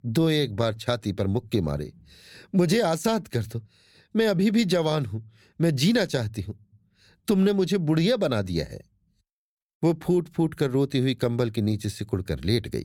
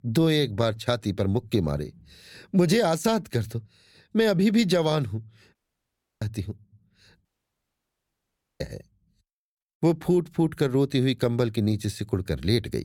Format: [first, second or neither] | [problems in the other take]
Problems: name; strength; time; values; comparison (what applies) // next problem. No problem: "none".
first | audio cutting out; at 5.5 s for 0.5 s and at 7.5 s for 1.5 s